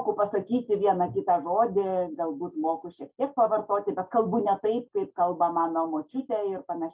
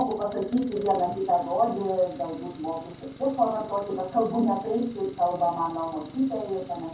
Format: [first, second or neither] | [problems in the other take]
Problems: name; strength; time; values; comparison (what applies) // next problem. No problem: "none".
first | background sound (Engine); 20 dB below the speech // room echo; dies away in 0.6 s